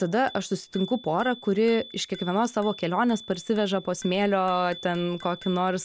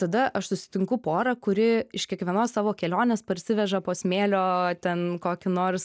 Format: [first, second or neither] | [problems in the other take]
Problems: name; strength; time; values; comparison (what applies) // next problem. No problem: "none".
second | background sound (Bicycle bell); 19 dB below the speech